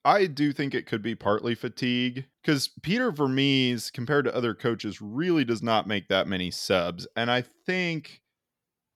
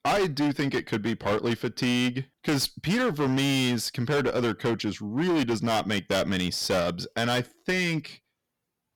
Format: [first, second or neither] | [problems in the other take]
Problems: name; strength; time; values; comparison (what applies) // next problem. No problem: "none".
first | distortion; heavy; 20% of the sound clipped